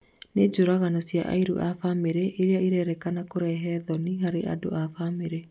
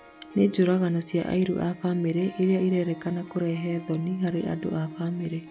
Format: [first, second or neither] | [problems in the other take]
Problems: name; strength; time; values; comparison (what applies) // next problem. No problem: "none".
first | background sound (Harp); 18 dB below the speech